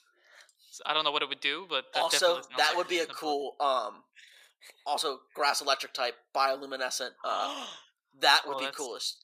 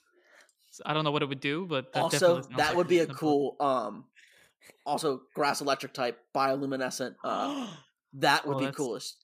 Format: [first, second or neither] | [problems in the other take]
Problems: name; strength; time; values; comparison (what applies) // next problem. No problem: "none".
second | thin; somewhat; fading below 650 Hz